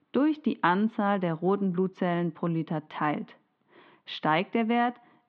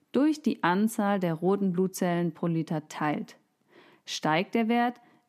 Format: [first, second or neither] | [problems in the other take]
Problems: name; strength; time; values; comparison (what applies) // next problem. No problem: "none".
second | muffled; very; fading above 3.5 kHz